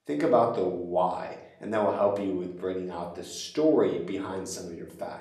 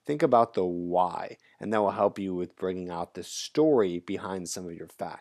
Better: second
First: room echo; slight; dies away in 0.5 s // off-mic speech; somewhat distant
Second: none

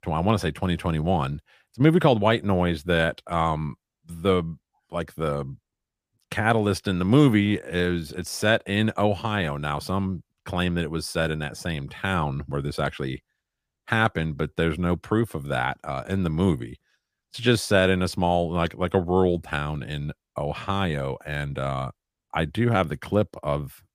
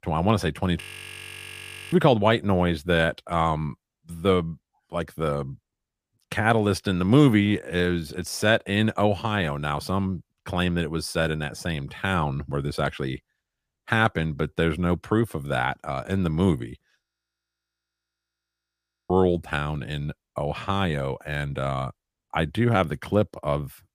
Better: first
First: none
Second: audio freezing; at 1 s for 1 s and at 17 s for 2 s

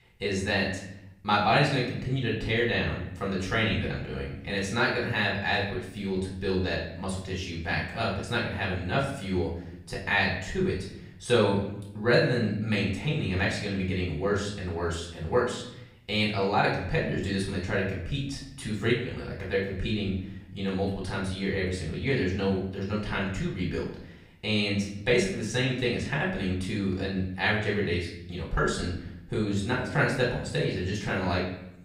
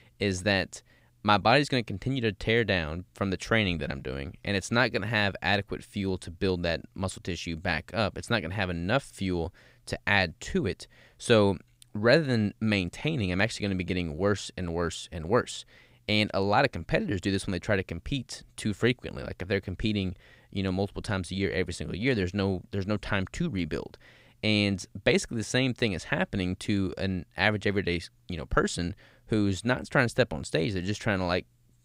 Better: second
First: off-mic speech; far // room echo; noticeable; dies away in 0.7 s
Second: none

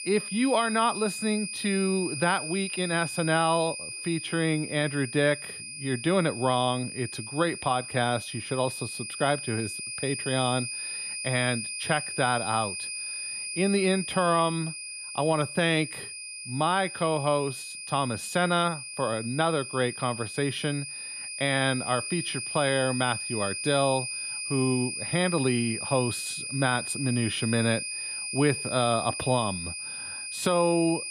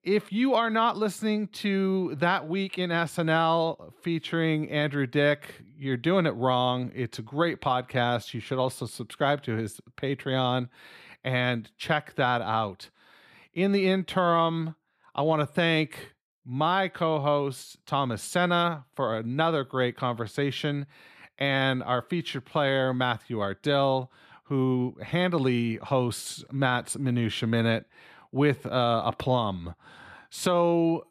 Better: second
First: high-pitched whine; loud; throughout; 2.5 kHz, 6 dB below the speech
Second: none

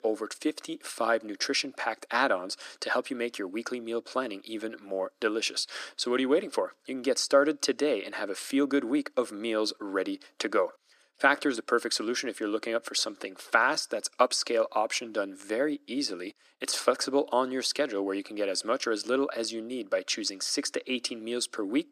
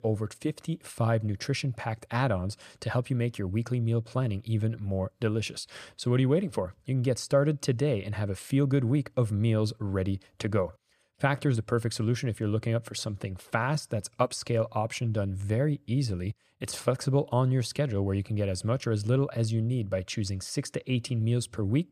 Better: second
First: thin; somewhat; fading below 300 Hz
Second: none

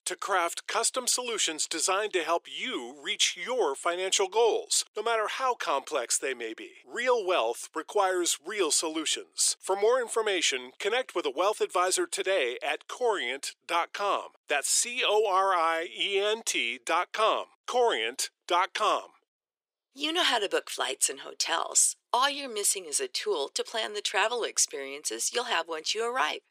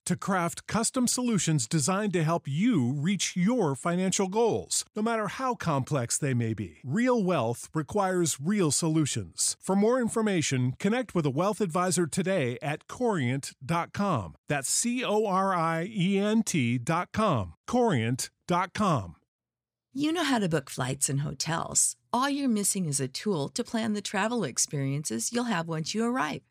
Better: second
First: thin; very; fading below 350 Hz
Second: none

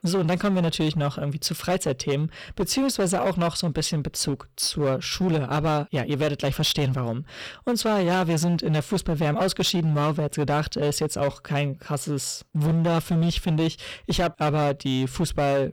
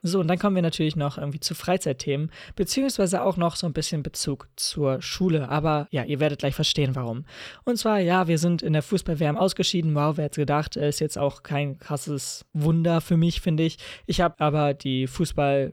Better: second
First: distortion; slight; 15% of the sound clipped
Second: none

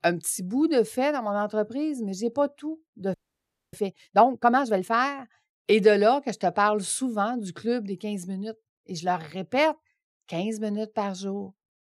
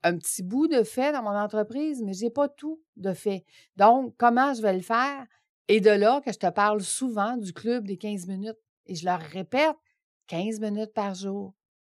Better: second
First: audio freezing; at 3 s for 0.5 s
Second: none

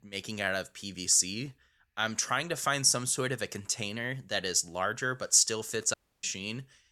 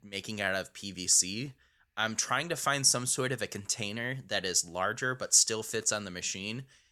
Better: second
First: audio cutting out; at 6 s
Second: none

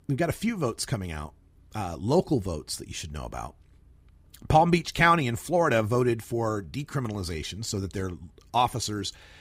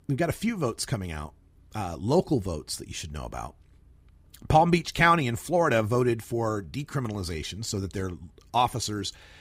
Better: neither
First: none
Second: none

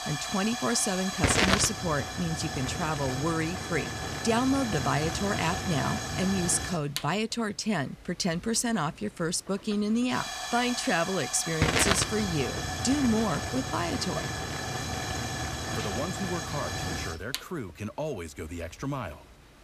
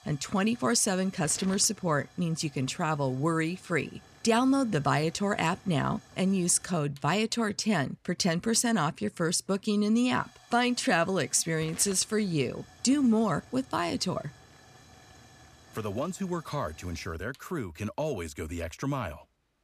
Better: second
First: hiss; loud; throughout; 2 dB below the speech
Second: hiss; faint; throughout; 25 dB below the speech

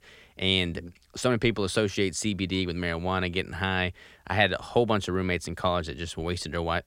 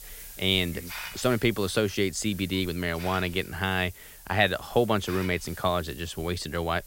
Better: first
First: none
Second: hiss; noticeable; throughout; 15 dB below the speech

